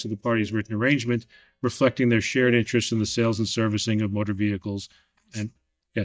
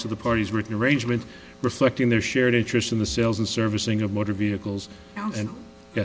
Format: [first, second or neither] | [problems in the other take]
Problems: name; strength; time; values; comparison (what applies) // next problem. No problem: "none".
second | noise reduction (neural mask model DeepFilterNet 3)